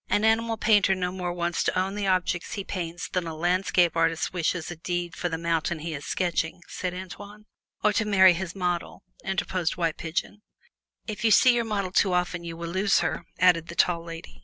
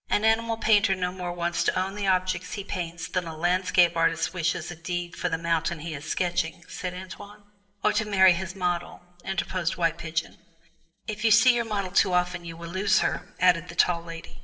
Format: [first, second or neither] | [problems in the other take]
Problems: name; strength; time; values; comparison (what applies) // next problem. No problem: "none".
first | room echo; dies away in 1 s